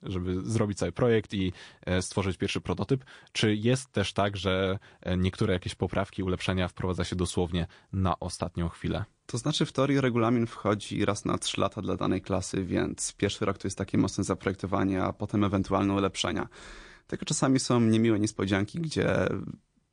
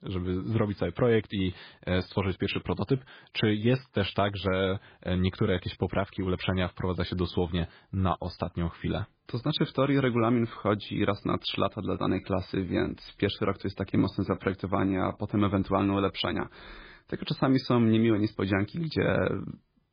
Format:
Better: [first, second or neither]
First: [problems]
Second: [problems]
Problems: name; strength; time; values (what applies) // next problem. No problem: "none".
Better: first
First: garbled, watery; slightly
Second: garbled, watery; badly; nothing above 5 kHz